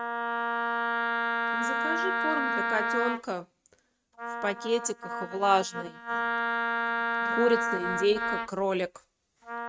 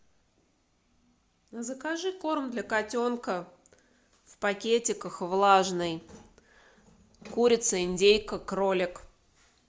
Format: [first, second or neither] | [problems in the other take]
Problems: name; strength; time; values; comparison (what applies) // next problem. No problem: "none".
second | noise reduction (neural mask model RNNoise)